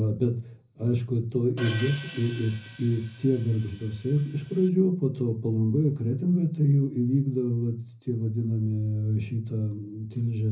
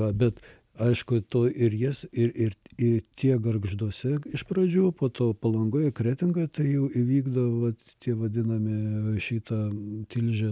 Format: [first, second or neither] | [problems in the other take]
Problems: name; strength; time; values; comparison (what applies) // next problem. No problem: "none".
second | background sound (Hi-hat); 17 dB below the speech // room echo; dies away in 0.4 s